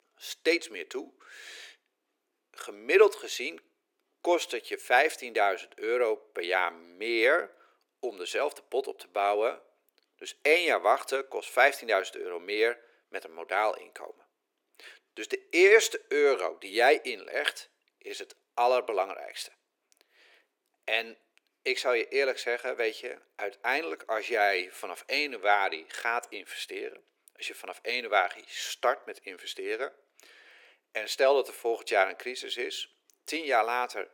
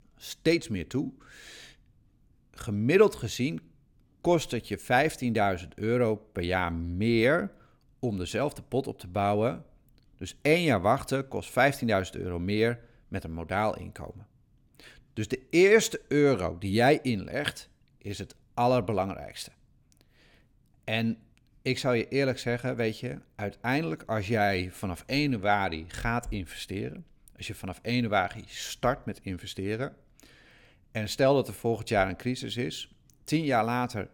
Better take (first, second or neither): second